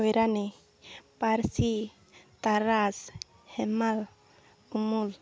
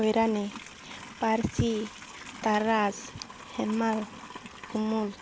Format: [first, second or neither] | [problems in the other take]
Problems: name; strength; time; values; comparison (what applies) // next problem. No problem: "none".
first | background sound (Livestock, farm animals, working animals); 15 dB below the speech